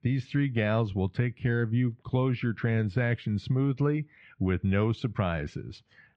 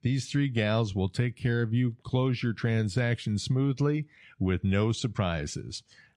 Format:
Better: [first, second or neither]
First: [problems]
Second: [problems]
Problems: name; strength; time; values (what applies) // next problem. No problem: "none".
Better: second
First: muffled; slightly; fading above 2 kHz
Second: none